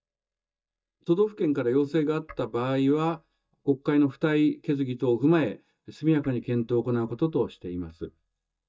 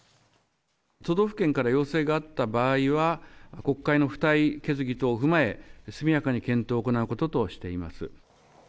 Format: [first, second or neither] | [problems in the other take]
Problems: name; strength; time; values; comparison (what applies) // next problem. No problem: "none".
second | noise reduction (neural mask model DeepFilterNet 3)